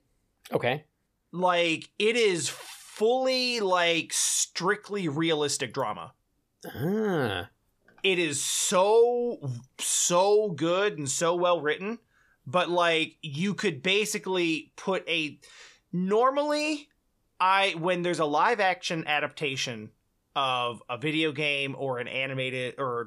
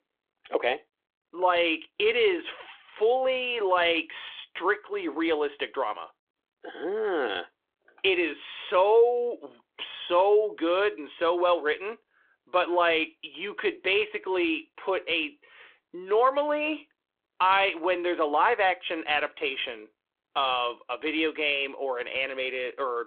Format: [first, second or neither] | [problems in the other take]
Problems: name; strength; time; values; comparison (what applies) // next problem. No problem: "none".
first | phone-call audio; nothing above 3.5 kHz